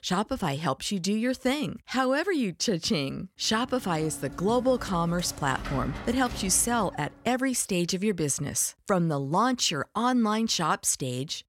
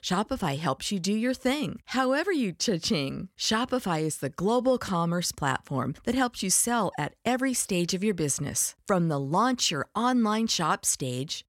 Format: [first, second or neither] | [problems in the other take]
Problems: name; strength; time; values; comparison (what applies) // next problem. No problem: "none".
second | door banging; noticeable; from 3.5 to 7 s; peak 9 dB below the speech